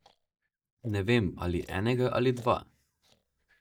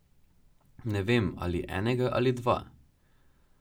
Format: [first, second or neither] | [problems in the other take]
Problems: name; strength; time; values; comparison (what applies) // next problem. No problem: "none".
second | noise reduction (neural mask model DeepFilterNet 3)